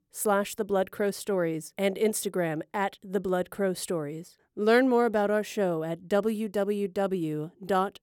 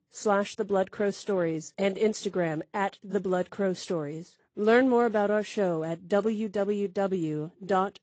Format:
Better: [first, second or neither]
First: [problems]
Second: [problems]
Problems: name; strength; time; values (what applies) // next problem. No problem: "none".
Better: first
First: none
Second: garbled, watery; slightly; nothing above 7.5 kHz